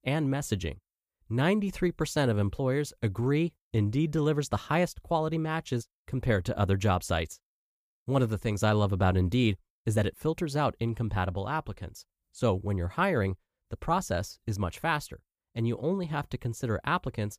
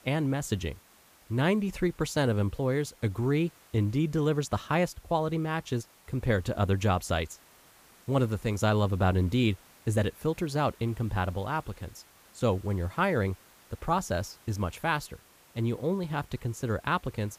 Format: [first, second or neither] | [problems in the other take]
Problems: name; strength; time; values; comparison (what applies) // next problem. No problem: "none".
first | hiss; faint; throughout; 25 dB below the speech